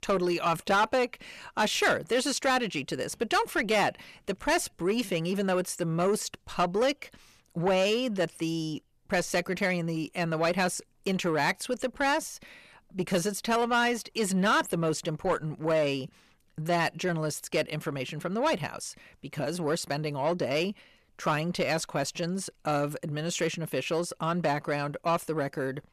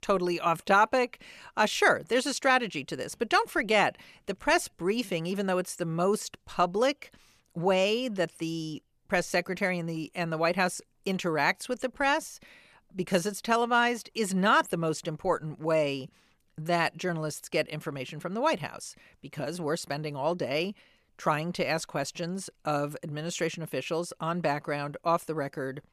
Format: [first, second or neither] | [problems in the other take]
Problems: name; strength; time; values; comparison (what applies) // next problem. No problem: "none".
second | distortion; slight; 10 dB below the speech